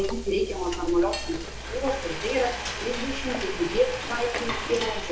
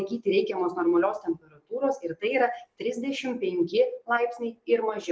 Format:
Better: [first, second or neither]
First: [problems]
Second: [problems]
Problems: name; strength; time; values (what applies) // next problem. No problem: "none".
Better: second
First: background sound (Frying (food)); 4 dB below the speech // room echo; dies away in 0.4 s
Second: none